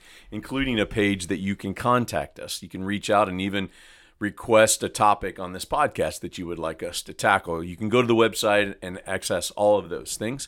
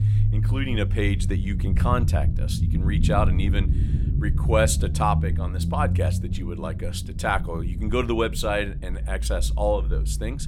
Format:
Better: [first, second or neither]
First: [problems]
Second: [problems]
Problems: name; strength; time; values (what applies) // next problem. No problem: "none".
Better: first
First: none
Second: low rumble; noticeable; throughout; 10 dB below the speech